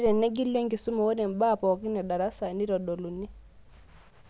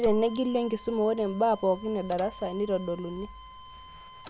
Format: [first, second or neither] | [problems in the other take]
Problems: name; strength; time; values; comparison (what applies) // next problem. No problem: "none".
first | background sound (Printer); 19 dB below the speech